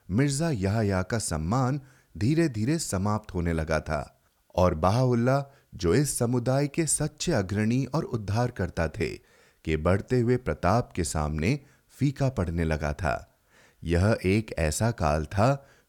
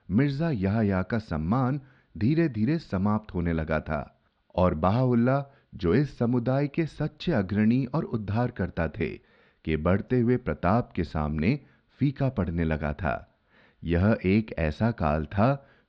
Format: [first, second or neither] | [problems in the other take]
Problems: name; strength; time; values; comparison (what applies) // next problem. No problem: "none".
first | muffled; slightly; fading above 4 kHz